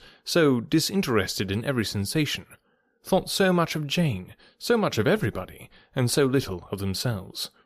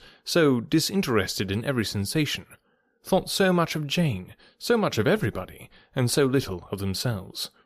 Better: neither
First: none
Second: none

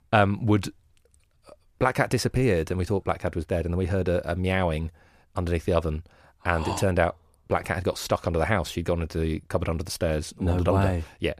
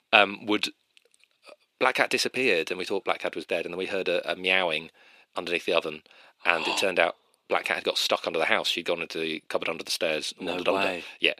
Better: first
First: none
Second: thin; somewhat; fading below 300 Hz

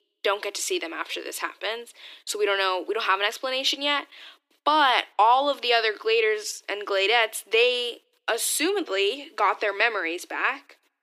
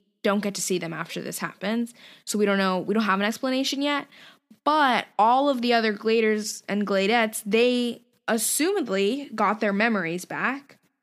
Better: second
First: thin; very; fading below 300 Hz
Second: none

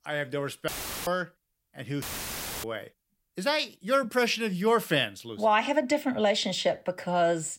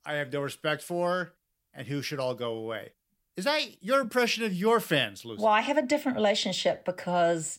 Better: second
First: audio cutting out; filled with static; at 0.5 s and at 2 s for 0.5 s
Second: none

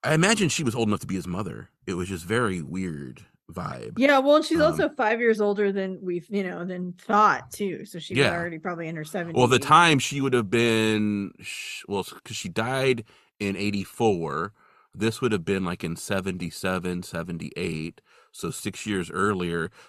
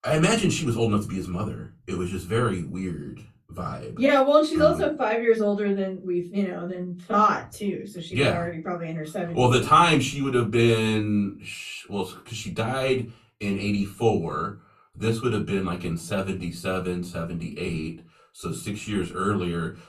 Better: first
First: none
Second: off-mic speech; far // room echo; very slight; dies away in 0.3 s

